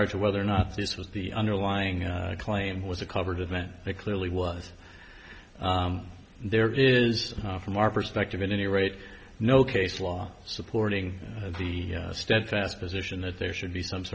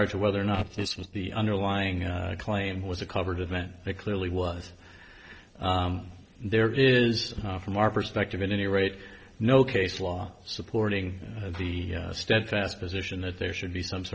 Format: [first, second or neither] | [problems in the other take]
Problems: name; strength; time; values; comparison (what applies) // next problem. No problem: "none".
first | noise reduction (neural separator model SepFormer DNS4)